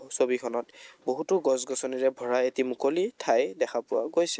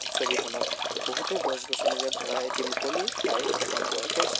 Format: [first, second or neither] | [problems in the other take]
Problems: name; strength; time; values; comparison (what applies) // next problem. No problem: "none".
first | background sound (Drip / Trickle, dribble / Bathtub (filling or washing)); 5 dB above the speech